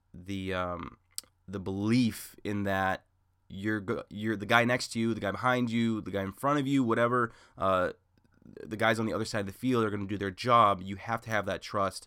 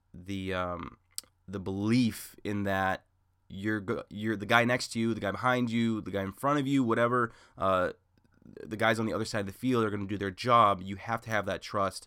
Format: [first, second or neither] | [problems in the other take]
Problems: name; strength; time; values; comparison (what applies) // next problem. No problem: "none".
neither | none